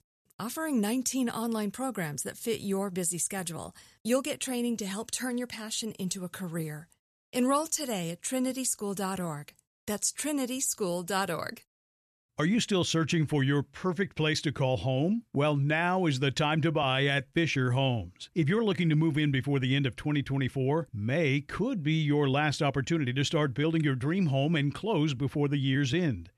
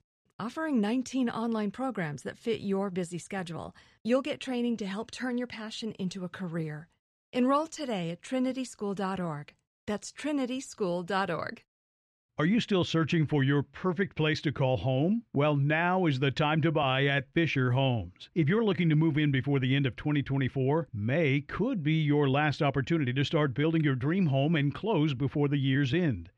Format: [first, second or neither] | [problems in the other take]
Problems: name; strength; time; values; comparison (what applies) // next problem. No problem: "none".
first | muffled; slightly; fading above 3.5 kHz